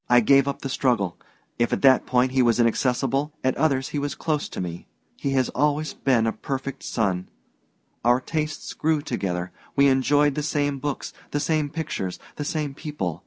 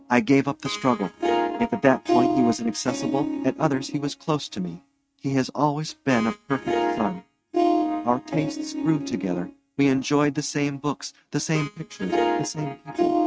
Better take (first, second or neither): first